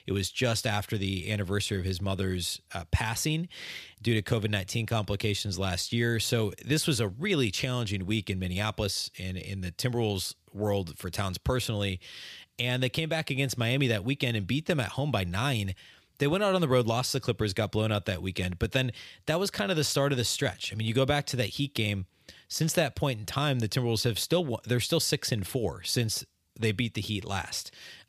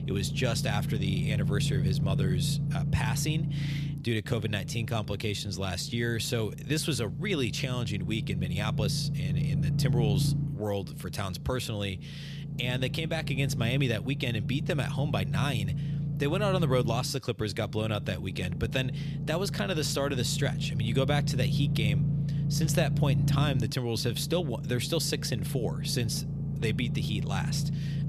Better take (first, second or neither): first